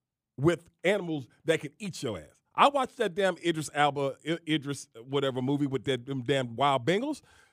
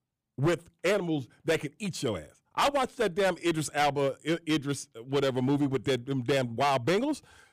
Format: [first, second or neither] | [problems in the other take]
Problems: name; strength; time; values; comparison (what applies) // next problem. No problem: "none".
first | distortion; heavy; 8% of the sound clipped